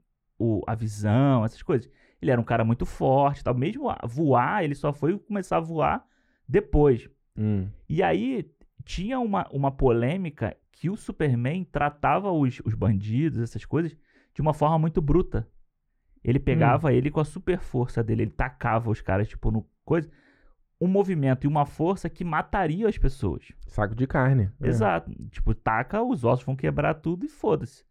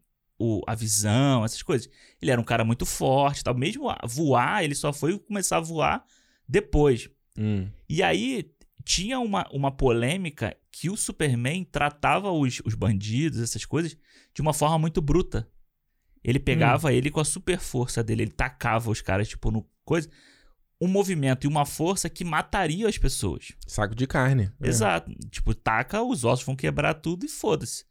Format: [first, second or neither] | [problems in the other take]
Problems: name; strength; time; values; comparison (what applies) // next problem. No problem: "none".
second | muffled; very; fading above 3 kHz